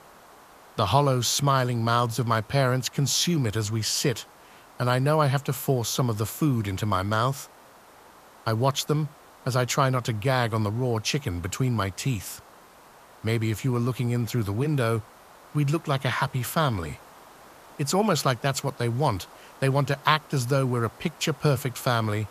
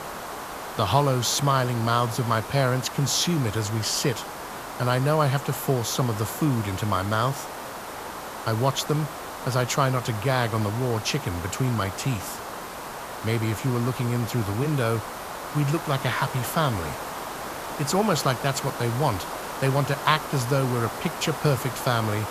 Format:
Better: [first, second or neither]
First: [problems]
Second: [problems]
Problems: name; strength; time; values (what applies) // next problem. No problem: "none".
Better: first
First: hiss; faint; throughout; 25 dB below the speech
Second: hiss; loud; throughout; 9 dB below the speech